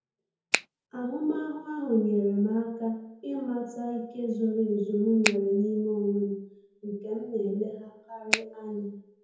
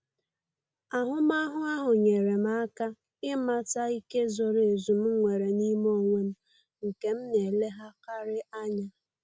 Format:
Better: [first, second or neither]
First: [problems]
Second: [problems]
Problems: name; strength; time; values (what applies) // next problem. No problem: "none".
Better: second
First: background sound (Finger snapping); as loud as the speech // room echo; dies away in 0.9 s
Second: none